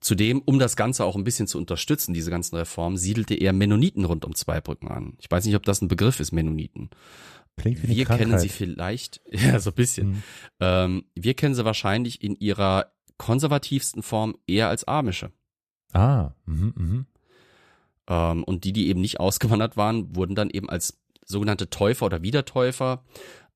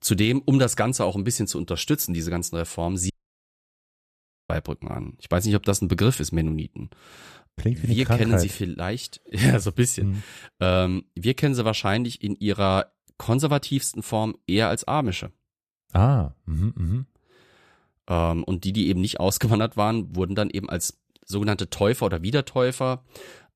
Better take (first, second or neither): first